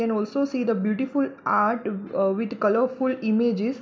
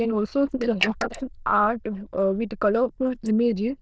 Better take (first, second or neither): first